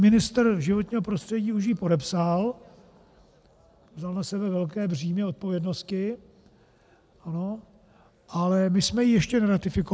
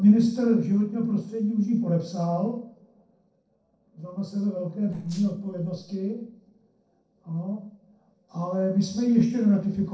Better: first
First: none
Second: noise reduction (neural separator model SepFormer DNS4)

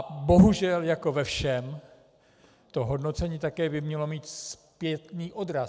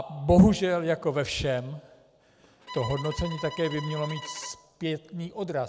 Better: first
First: none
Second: background sound (Bowed string instrument); 14 dB below the speech

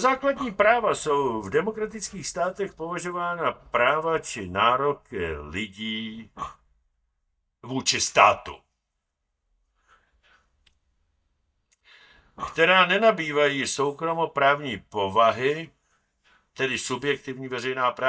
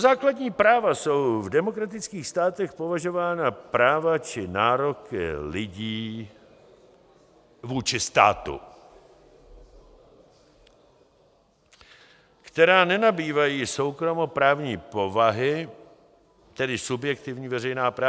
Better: second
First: noise reduction (neural mask model DeepFilterNet 3)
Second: none

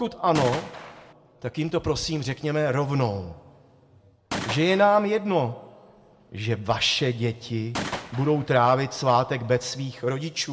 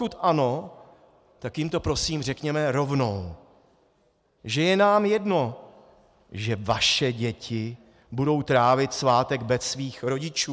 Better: second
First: background sound (Gunshot, gunfire); 8 dB below the speech // room echo; dies away in 0.7 s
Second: none

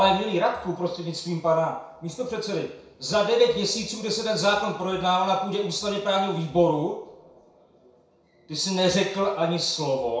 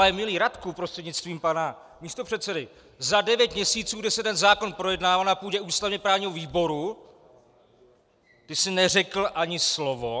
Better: second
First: room echo; dies away in 0.6 s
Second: none

